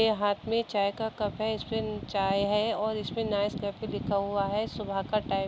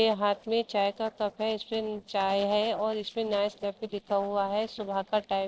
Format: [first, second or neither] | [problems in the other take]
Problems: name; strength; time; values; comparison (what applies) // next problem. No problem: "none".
first | noise reduction (neural separator model SepFormer DNS4)